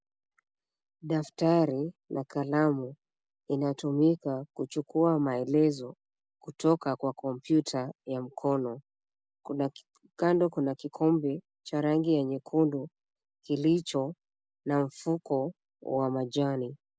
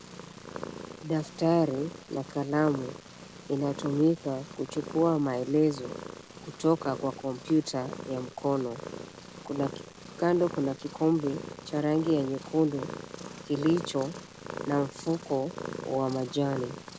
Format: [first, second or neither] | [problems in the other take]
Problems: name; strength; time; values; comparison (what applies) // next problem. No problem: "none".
first | background sound (Purr); 12 dB below the speech